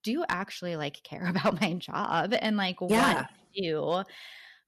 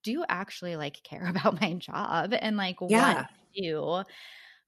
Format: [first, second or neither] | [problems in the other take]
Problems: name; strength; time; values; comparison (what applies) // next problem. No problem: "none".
second | distortion; slight; 2% of the sound clipped